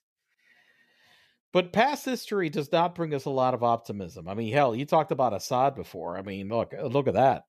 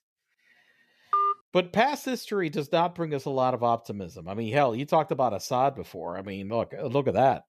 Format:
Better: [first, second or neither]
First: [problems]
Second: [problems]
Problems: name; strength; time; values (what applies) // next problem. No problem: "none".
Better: first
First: none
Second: phone ringing; loud; at 1 s; peak 2 dB above the speech